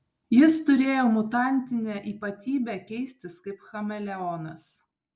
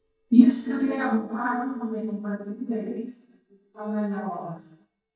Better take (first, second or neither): first